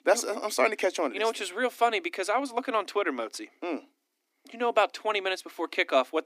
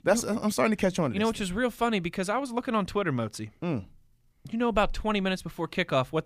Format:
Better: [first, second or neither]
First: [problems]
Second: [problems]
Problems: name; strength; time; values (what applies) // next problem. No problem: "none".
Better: second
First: thin; somewhat; fading below 250 Hz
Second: none